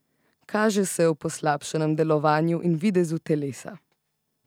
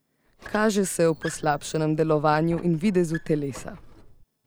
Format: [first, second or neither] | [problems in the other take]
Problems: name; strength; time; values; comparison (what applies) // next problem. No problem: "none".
first | background sound (Squeak); 18 dB below the speech